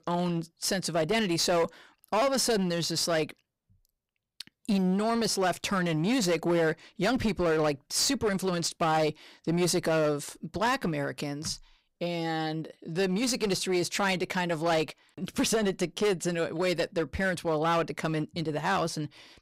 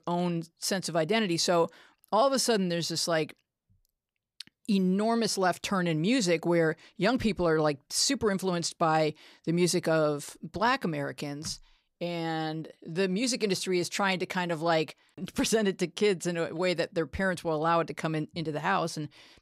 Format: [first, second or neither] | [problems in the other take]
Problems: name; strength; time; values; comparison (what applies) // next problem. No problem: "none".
second | distortion; slight; 11% of the sound clipped